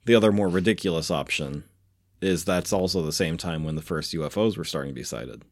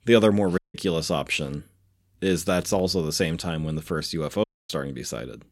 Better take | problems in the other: first | audio cutting out; at 0.5 s and at 4.5 s

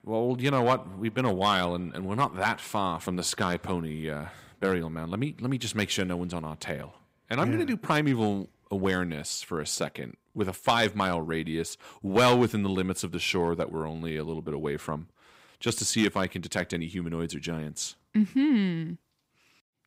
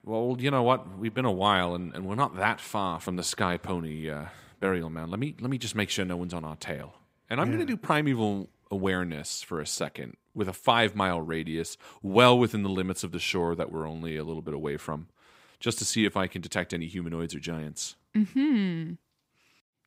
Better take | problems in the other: second | distortion; slight; 0.9% of the sound clipped

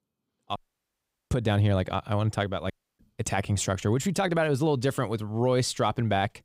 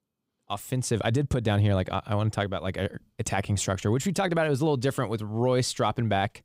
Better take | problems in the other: second | audio cutting out; at 0.5 s for 0.5 s and at 2.5 s

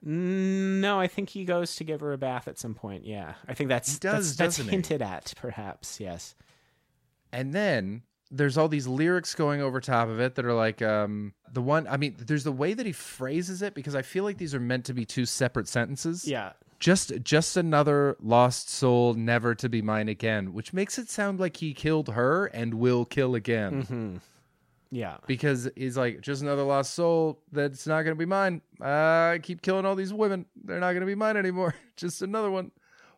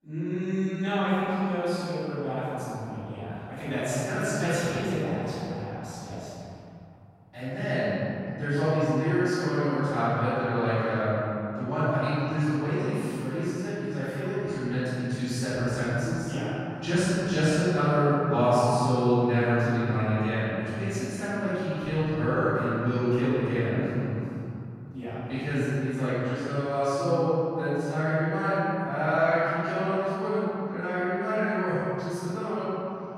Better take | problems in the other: first | room echo; strong; dies away in 3 s // off-mic speech; far

